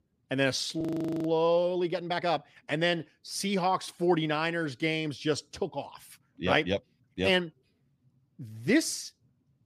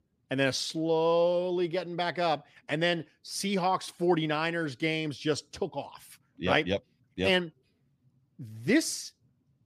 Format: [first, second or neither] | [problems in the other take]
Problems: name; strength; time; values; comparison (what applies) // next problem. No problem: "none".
second | audio freezing; at 1 s